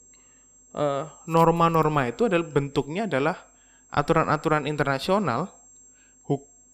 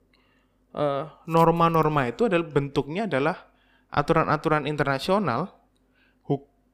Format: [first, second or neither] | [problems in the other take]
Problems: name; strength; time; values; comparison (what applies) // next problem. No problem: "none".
second | high-pitched whine; faint; throughout; 7.5 kHz, 25 dB below the speech